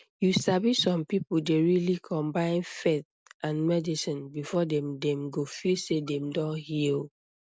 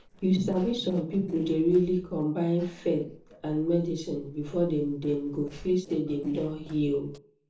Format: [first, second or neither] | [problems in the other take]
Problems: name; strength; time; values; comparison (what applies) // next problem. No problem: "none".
first | noise reduction (neural separator model SepFormer DNS4)